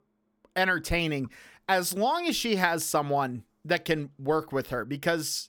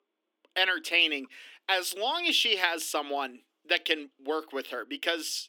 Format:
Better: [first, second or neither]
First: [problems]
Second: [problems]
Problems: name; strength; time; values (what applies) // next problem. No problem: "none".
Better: first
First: none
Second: thin; somewhat; fading below 250 Hz